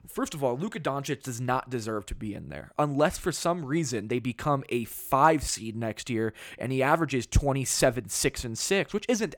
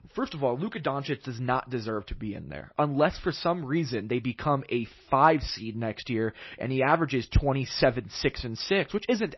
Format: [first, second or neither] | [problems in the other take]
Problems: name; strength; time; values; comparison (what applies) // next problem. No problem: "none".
first | garbled, watery; slightly; nothing above 5.5 kHz